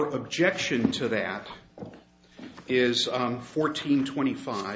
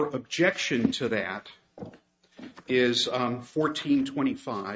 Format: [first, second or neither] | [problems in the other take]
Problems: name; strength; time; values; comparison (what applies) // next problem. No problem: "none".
first | noise reduction (neural mask model RNNoise)